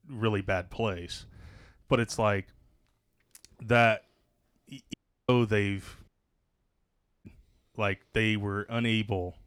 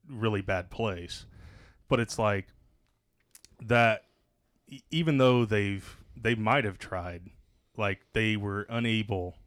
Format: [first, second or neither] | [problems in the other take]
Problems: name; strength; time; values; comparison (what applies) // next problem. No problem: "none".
second | audio cutting out; at 5 s and at 6 s for 1 s